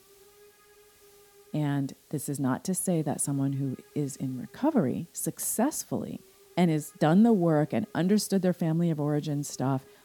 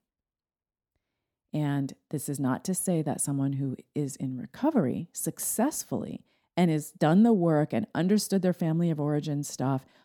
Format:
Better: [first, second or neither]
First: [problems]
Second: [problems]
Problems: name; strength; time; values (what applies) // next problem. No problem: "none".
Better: second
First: hiss; faint; throughout; 30 dB below the speech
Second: none